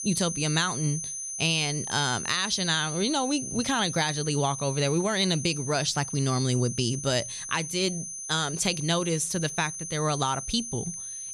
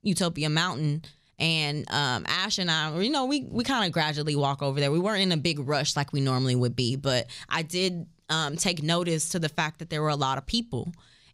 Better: second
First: high-pitched whine; loud; throughout; 6 kHz, 6 dB below the speech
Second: none

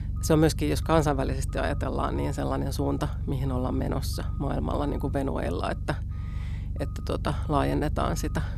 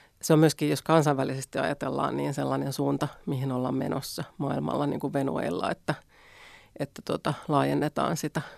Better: second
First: low rumble; noticeable; throughout; 20 dB below the speech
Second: none

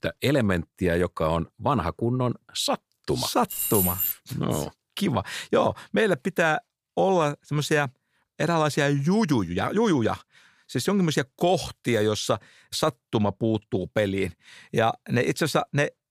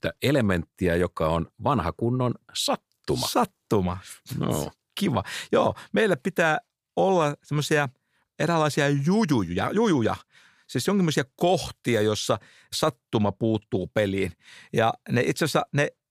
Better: second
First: jangling keys; loud; at 3.5 s; peak 2 dB above the speech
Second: none

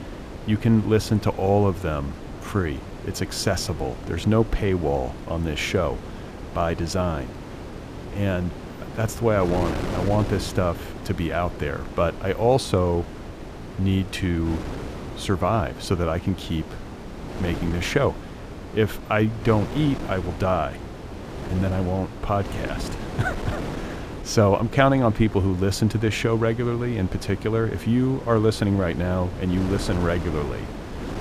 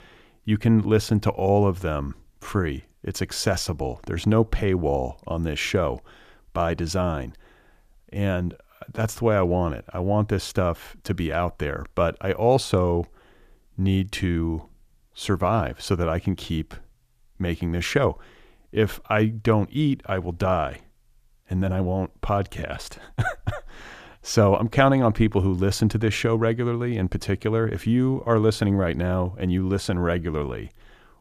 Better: second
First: wind noise on the microphone; occasional gusts; 10 dB below the speech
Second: none

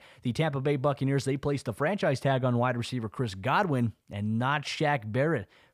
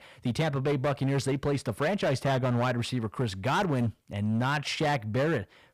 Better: first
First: none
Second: distortion; slight; 13% of the sound clipped

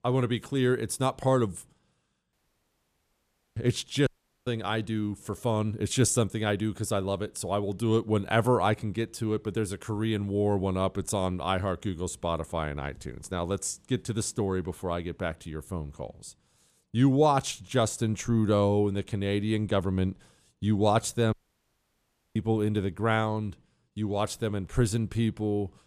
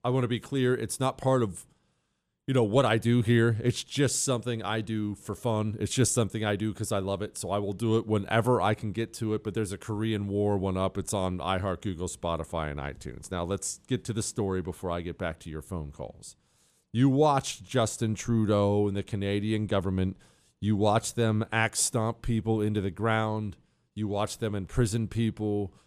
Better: second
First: audio cutting out; at 2.5 s for 1 s, at 4 s and at 21 s for 1 s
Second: none

